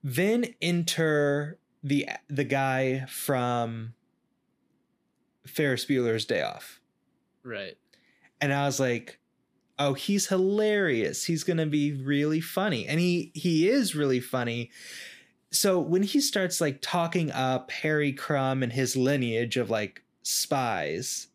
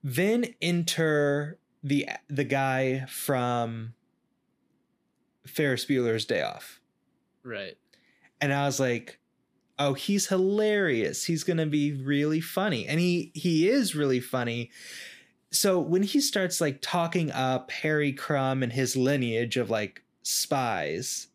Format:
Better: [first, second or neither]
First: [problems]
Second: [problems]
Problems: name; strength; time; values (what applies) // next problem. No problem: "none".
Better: neither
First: none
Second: none